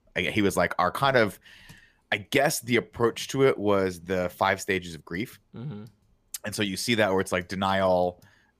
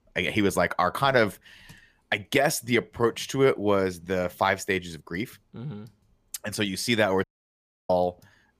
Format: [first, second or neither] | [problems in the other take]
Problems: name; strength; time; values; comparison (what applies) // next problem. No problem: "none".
first | audio cutting out; at 7 s for 0.5 s